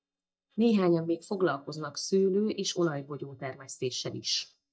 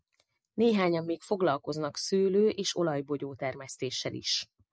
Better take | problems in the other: second | noise reduction (neural mask model DeepFilterNet 3)

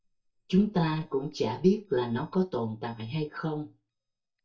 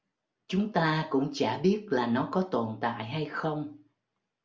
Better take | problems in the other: second | noise reduction (neural mask model DeepFilterNet 3)

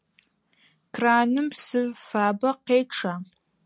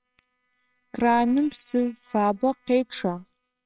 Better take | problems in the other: first | noise reduction (neural separator model SepFormer WHAMR!)

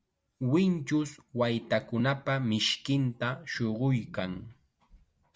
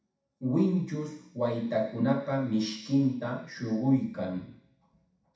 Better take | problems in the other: first | room echo; dies away in 0.7 s

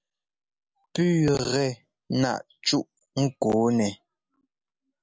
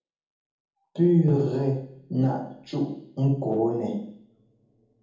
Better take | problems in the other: first | room echo; dies away in 0.7 s

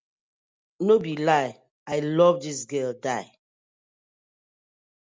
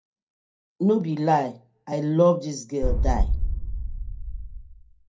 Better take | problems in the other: first | background sound (Boom); 1 dB above the speech // room echo; dies away in 0.2 s

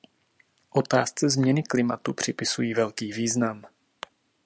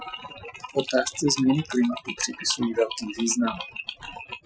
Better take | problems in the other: first | noise reduction (classical method Wiener filter)

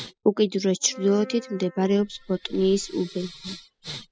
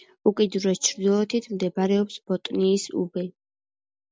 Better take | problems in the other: second | noise reduction (classical method spectral subtraction)

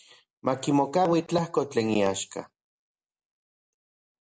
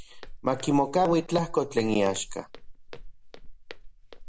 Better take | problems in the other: first | background sound (Walk, footsteps); 12 dB below the speech

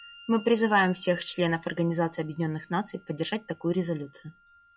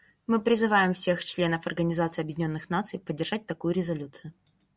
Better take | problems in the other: second | noise reduction (classical method log-MMSE)

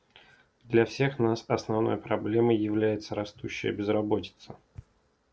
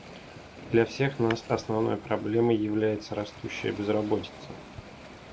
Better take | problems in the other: first | background sound (Tap / Hammer + Waves, surf); 16 dB below the speech

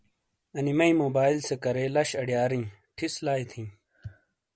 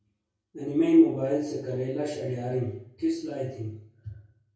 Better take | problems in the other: first | room echo; dies away in 0.6 s

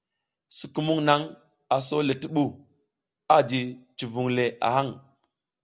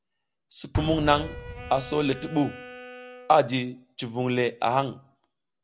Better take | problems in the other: first | background sound (Wind instrument, woodwind instrument + Explosion); 12 dB below the speech

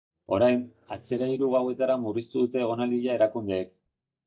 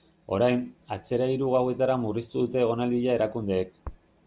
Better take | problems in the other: second | noise reduction (neural mask model DeepFilterNet 3)

